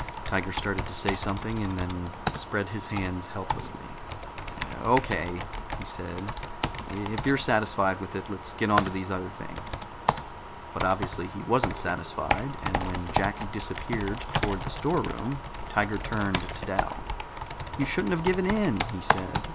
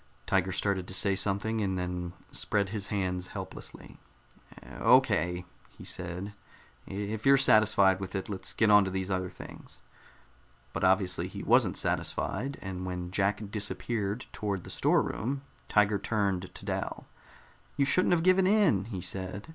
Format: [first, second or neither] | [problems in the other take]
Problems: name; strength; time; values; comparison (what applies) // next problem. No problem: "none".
second | background sound (Computer keyboard); 3 dB below the speech